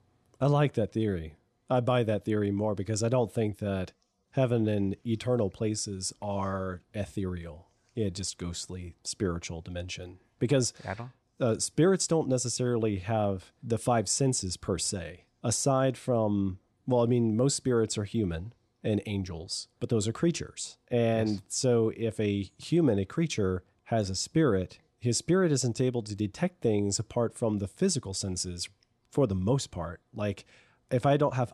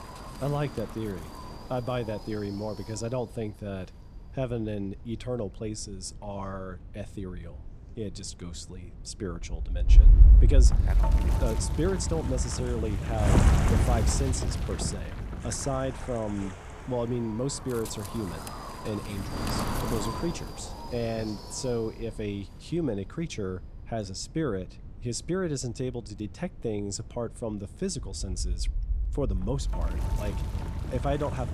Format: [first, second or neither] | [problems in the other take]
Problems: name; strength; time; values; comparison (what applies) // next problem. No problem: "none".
first | wind noise on the microphone; heavy; 3 dB below the speech